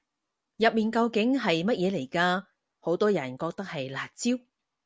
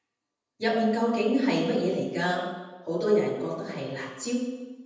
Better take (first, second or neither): first